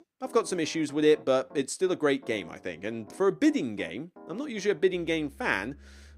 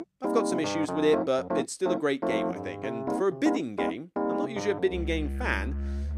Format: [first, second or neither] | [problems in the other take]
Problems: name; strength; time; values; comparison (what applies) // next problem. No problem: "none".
first | background music; loud; throughout; 2 dB below the speech; faint in the first